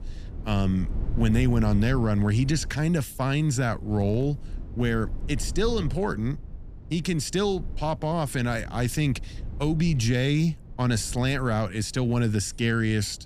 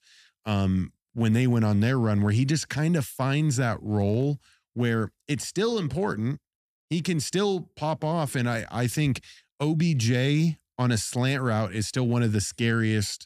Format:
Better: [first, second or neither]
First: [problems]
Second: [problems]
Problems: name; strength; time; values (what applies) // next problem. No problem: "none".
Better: second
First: low rumble; faint; throughout; 20 dB below the speech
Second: none